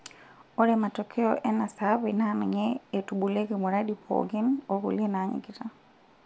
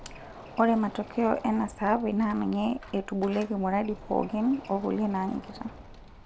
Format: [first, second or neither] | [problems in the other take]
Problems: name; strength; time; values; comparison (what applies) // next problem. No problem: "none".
first | background sound (Door); 17 dB below the speech